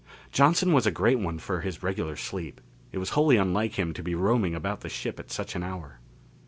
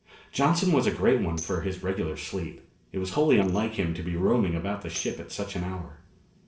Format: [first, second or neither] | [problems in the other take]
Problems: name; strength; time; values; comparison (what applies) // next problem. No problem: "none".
first | noise reduction (neural separator model SepFormer DNS4)